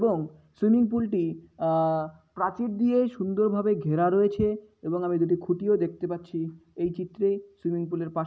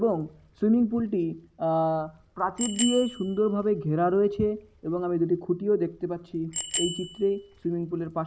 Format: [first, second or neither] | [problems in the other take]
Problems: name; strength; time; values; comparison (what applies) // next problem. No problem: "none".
first | background sound (Bicycle bell); 12 dB below the speech